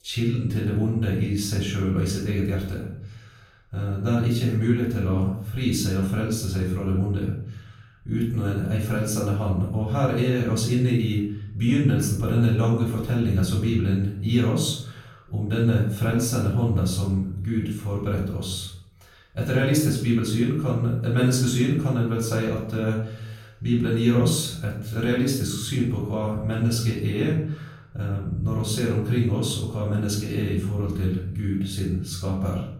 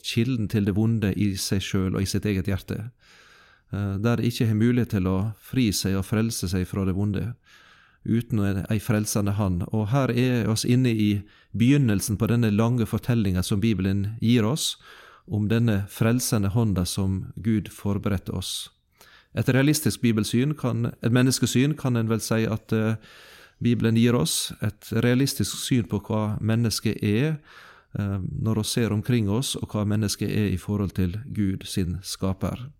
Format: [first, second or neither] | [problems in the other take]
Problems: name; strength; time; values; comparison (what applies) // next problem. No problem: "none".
second | off-mic speech; far // room echo; noticeable; dies away in 0.6 s